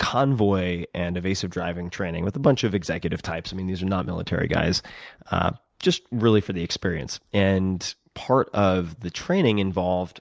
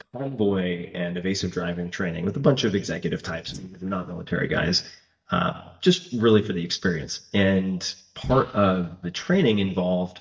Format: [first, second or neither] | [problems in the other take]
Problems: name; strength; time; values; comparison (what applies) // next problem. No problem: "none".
first | noise reduction (neural mask model DeepFilterNet 3)